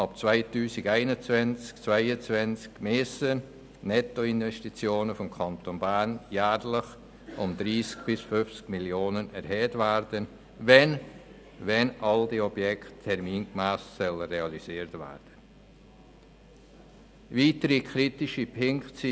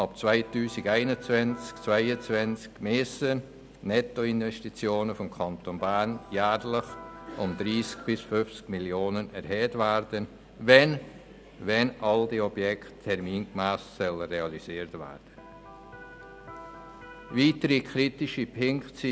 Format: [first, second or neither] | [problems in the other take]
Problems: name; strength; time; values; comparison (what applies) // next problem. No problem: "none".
first | background sound (Electric guitar); 18 dB below the speech